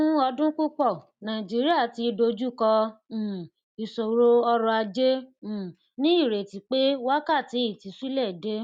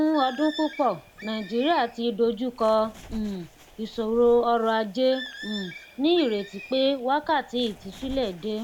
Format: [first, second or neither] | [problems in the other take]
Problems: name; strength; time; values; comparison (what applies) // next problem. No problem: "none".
first | background sound (Bird); 18 dB below the speech